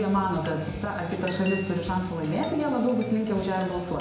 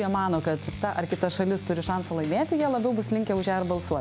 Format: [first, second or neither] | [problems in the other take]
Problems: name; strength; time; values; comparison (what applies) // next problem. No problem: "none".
second | background sound (Chime); 18 dB below the speech // room echo; dies away in 0.9 s